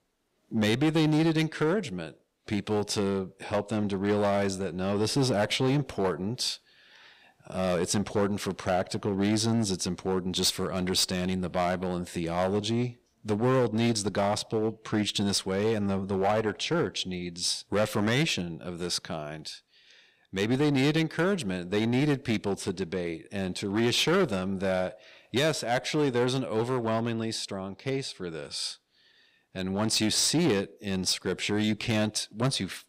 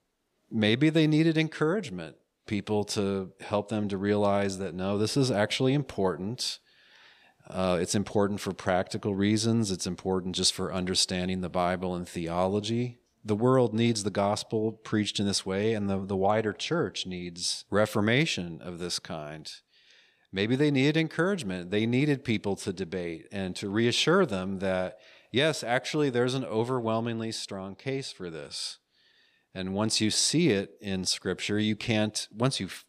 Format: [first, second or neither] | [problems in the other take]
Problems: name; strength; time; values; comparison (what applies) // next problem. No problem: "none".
second | distortion; slight; 6% of the sound clipped